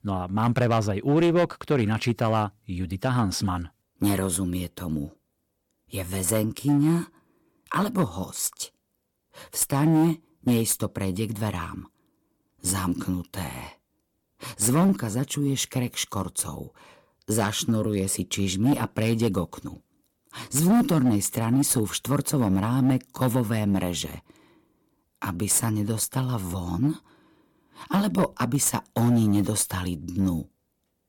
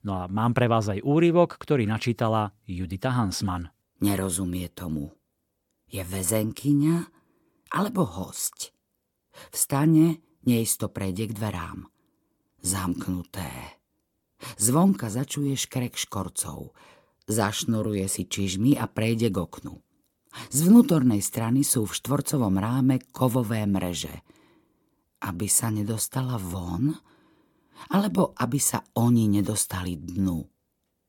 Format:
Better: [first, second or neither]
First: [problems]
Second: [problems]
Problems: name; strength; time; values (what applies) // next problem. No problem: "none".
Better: second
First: distortion; slight; 4% of the sound clipped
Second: none